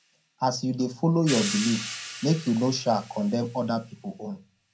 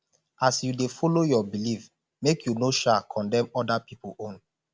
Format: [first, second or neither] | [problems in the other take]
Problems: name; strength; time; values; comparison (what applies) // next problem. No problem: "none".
second | background sound (Hi-hat); 12 dB below the speech // room echo; dies away in 0.2 s